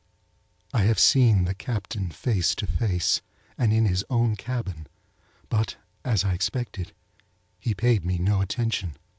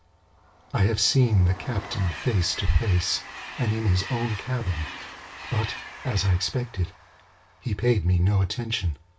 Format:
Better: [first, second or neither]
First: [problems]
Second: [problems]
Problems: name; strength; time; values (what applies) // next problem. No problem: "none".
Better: first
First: none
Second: background sound (Train); 16 dB below the speech // room echo; dies away in 0.2 s